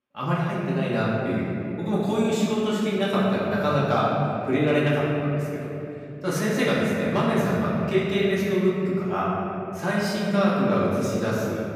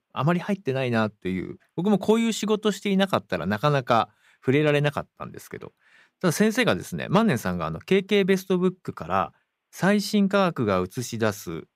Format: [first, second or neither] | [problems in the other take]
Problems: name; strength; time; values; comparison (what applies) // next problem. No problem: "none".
second | off-mic speech; far // room echo; strong; dies away in 3 s